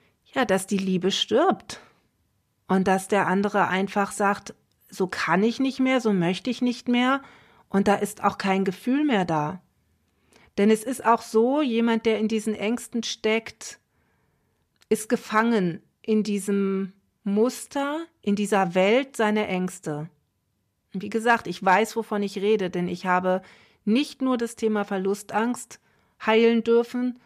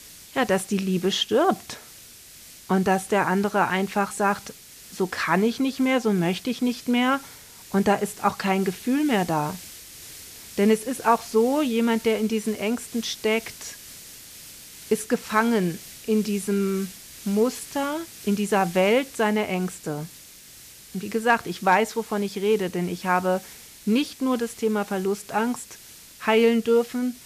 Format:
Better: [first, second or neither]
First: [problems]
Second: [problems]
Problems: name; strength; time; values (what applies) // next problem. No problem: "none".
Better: first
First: none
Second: hiss; noticeable; throughout; 20 dB below the speech